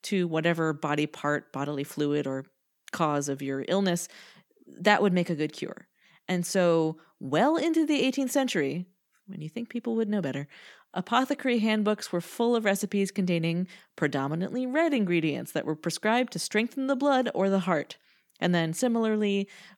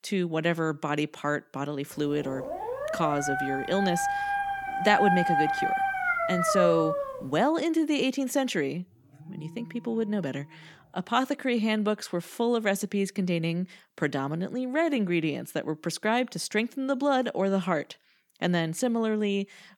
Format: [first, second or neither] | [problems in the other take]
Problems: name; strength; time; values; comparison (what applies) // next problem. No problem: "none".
first | dog barking; loud; from 2 to 7 s; peak 4 dB above the speech // alarm; faint; from 9 to 11 s; peak 15 dB below the speech